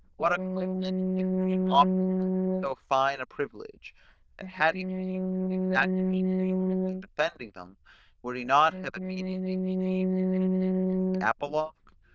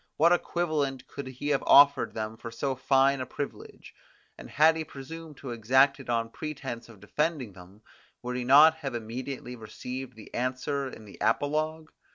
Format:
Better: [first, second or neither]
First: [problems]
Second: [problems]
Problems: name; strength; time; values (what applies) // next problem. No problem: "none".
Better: second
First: noise reduction (neural diffusion model UNIVERSE++)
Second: none